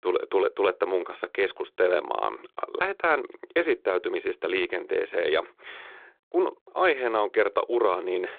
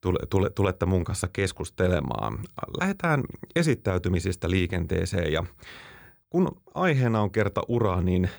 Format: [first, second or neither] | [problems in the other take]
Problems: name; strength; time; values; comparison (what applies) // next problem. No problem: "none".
second | phone-call audio; nothing above 3.5 kHz